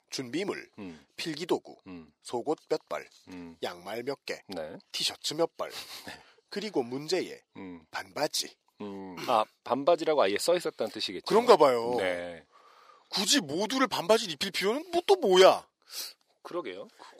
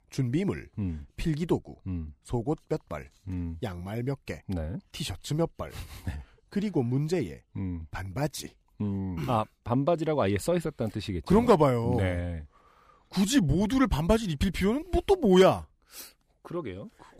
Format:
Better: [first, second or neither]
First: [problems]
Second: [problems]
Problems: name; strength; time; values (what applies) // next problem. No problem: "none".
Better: second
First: thin; somewhat; fading below 500 Hz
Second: none